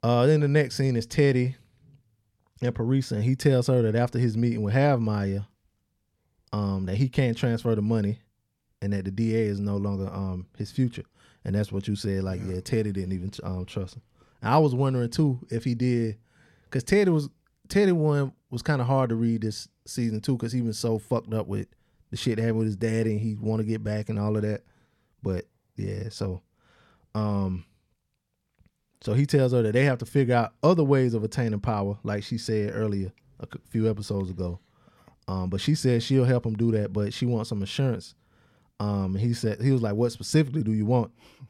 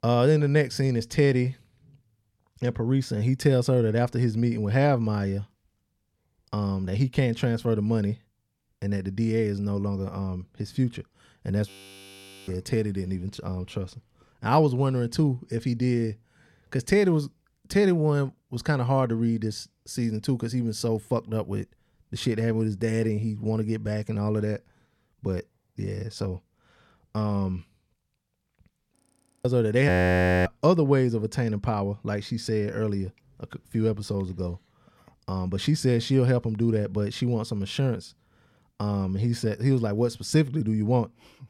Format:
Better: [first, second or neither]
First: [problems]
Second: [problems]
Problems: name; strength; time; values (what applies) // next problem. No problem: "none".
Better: first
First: none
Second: audio freezing; at 12 s for 1 s, at 29 s and at 30 s for 0.5 s